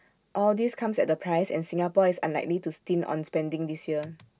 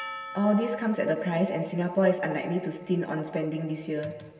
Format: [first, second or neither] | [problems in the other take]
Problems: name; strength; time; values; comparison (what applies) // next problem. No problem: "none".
first | background sound (Percussion); 17 dB below the speech // room echo; dies away in 2.2 s